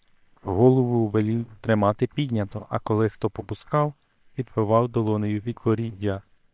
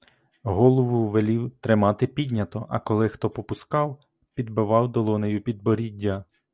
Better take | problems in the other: second | noise reduction (neural separator model SepFormer WHAM!)

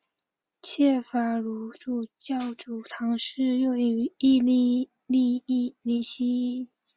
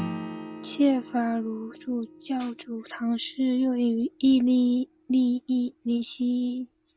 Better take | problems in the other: first | background sound (Acoustic guitar / Strum); 17 dB below the speech

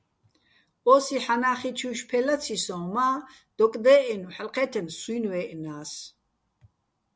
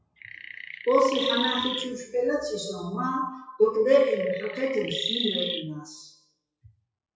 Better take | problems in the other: first | noise reduction (classical method WPE with log-MMSE)

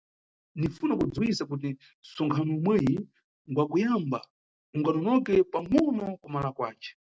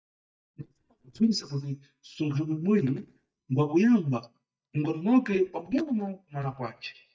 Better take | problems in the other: first | noise reduction (neural mask model DeepFilterNet 3)

